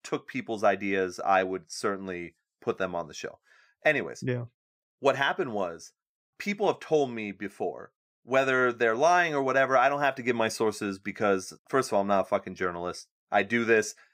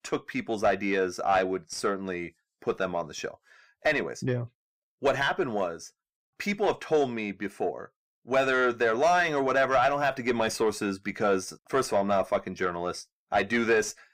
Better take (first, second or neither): first